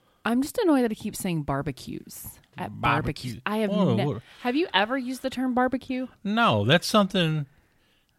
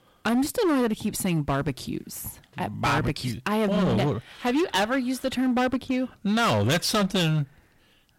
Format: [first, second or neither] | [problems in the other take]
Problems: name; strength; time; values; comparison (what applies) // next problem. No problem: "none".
first | distortion; heavy; 15% of the sound clipped